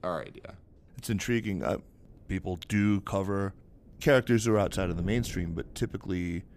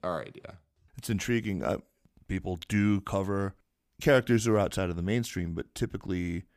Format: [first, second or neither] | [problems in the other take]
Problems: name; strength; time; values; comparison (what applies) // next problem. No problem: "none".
second | wind noise on the microphone; occasional gusts; 25 dB below the speech